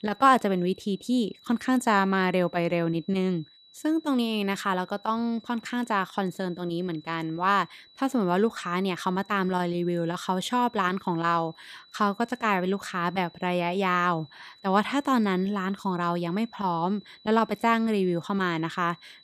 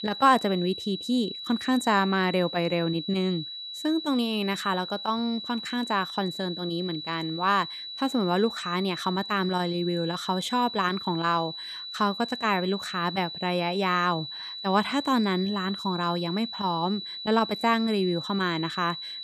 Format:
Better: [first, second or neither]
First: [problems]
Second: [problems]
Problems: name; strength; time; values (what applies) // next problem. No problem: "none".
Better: first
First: high-pitched whine; faint; throughout; 4 kHz, 25 dB below the speech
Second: high-pitched whine; loud; throughout; 4 kHz, 8 dB below the speech